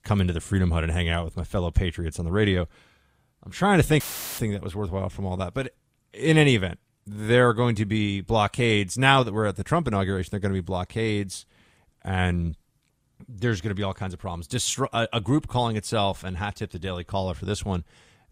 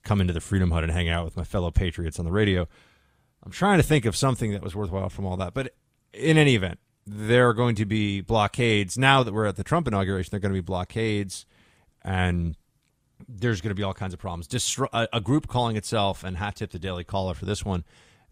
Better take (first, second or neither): second